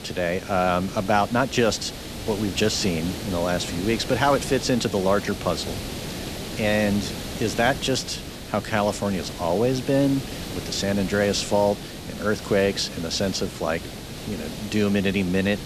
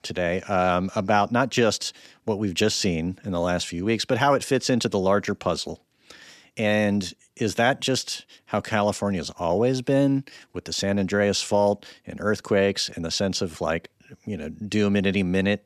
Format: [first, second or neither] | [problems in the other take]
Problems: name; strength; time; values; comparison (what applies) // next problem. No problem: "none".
second | hiss; loud; throughout; 10 dB below the speech